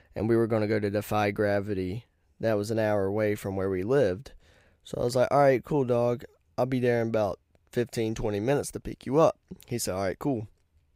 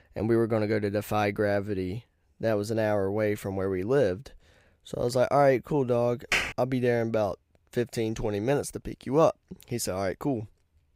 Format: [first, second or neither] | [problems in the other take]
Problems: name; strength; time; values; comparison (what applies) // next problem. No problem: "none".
first | keyboard typing; loud; at 6.5 s; peak level with the speech